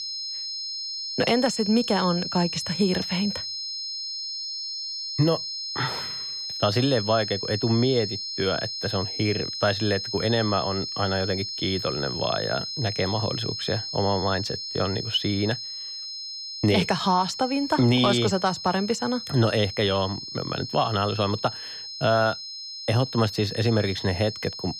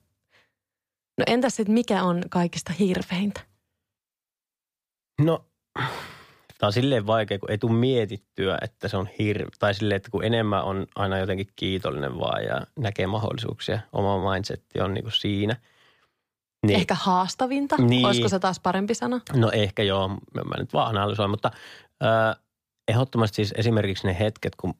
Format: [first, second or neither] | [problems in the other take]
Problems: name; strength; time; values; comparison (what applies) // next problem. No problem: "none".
second | high-pitched whine; loud; throughout; 5 kHz, 6 dB below the speech